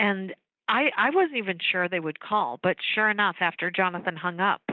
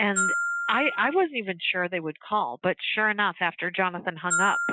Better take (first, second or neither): first